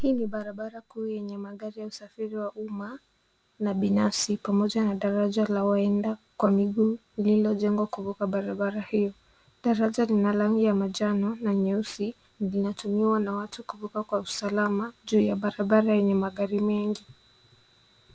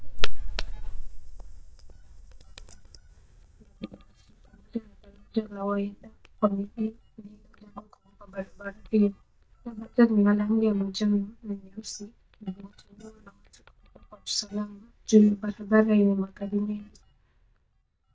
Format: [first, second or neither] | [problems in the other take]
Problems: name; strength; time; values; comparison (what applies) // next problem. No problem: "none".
first | noise reduction (neural mask model DeepFilterNet 3)